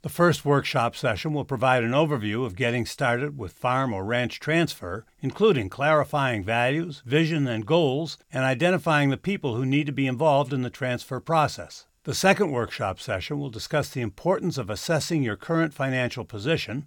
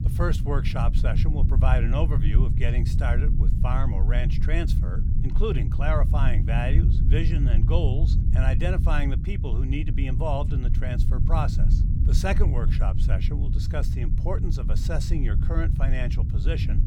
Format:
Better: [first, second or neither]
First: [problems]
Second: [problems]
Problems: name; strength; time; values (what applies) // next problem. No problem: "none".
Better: first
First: none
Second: low rumble; loud; throughout; 6 dB below the speech